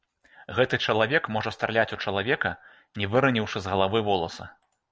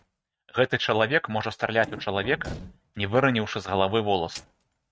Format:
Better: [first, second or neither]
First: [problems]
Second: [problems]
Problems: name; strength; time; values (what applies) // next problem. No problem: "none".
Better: first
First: none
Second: noise reduction (neural mask model RNNoise)